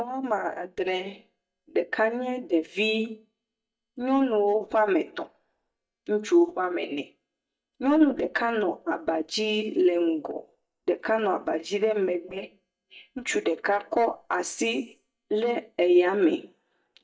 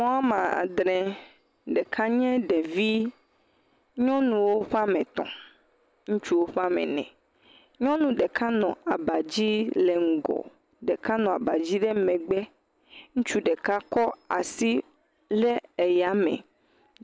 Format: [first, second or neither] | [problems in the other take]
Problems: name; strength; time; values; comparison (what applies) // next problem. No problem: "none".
second | noise reduction (neural mask model DeepFilterNet 3)